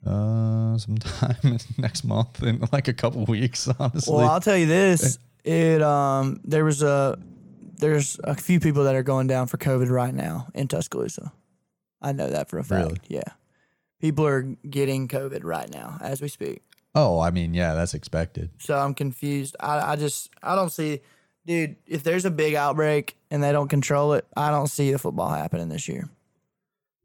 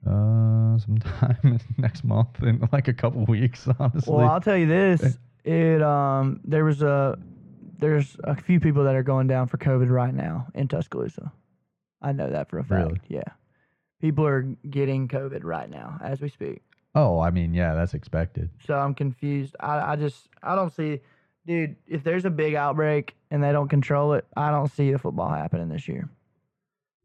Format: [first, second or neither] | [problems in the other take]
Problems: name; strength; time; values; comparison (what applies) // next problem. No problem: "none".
first | muffled; very; fading above 2 kHz